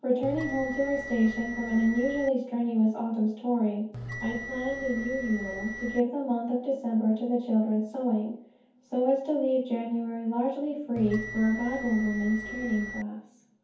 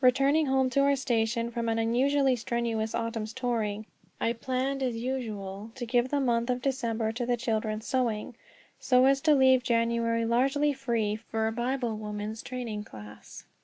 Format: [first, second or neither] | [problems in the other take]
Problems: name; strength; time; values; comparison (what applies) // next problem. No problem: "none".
second | background sound (Bell); 10 dB below the speech // room echo; dies away in 0.6 s